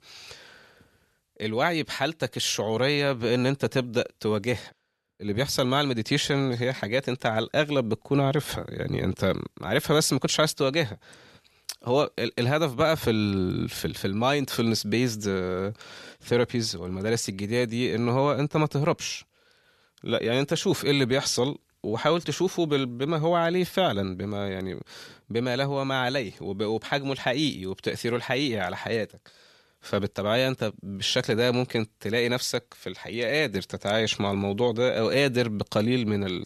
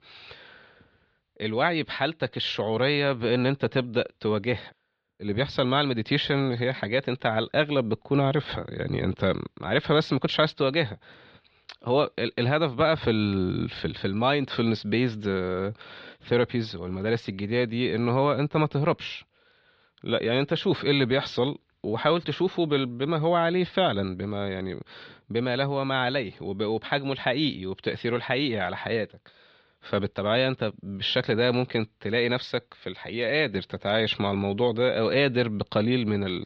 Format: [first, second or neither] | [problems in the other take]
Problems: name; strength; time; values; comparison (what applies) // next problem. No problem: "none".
first | muffled; very slightly; fading above 4 kHz